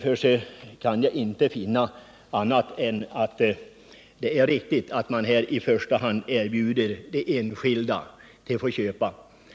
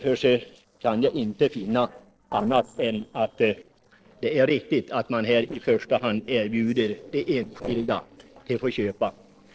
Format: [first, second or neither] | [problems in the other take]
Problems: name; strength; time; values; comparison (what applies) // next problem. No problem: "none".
first | noise reduction (neural separator model SepFormer DNS4)